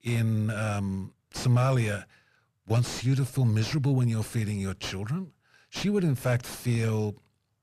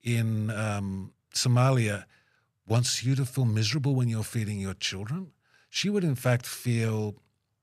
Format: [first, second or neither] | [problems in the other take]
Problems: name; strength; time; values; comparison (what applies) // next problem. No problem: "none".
second | distortion; slight; 10 dB below the speech